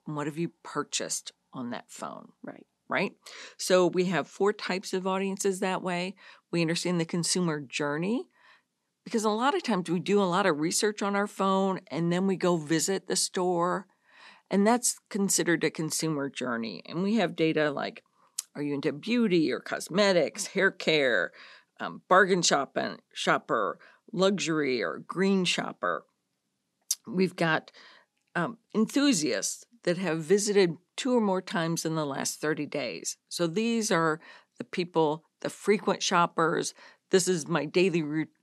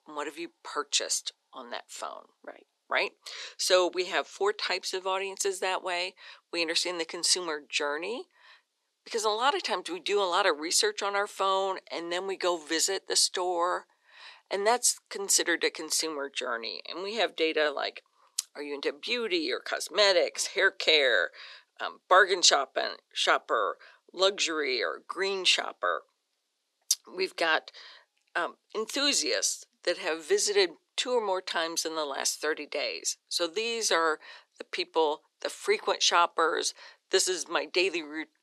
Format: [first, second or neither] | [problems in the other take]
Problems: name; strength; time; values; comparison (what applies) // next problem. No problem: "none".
first | thin; very; fading below 400 Hz